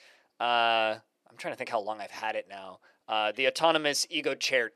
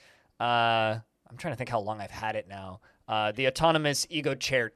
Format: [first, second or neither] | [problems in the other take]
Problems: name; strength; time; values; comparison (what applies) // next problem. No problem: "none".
second | thin; somewhat; fading below 350 Hz